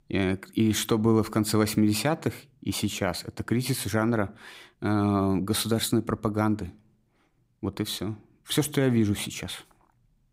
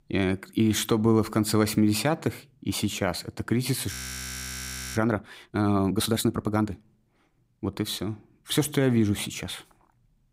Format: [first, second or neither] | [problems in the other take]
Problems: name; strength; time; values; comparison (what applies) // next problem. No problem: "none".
first | audio freezing; at 4 s for 1 s